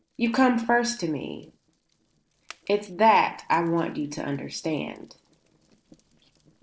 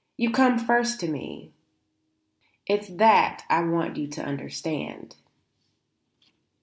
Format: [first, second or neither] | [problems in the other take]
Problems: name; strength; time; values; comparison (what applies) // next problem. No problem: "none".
second | noise reduction (neural separator model SepFormer DNS4)